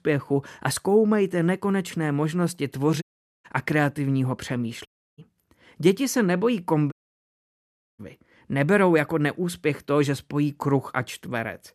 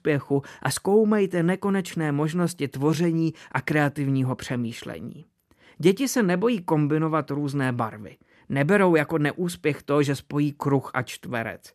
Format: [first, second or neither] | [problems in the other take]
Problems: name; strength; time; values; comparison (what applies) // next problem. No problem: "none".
second | audio cutting out; at 3 s, at 5 s and at 7 s for 1 s